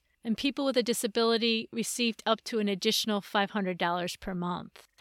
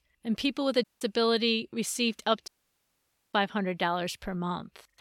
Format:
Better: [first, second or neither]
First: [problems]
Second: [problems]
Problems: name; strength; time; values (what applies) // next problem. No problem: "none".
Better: first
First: none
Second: audio cutting out; at 1 s and at 2.5 s for 1 s